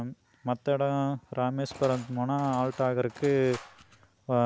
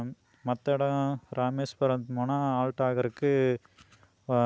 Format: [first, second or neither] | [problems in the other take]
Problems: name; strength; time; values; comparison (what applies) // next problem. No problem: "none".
second | background sound (Engine); 19 dB below the speech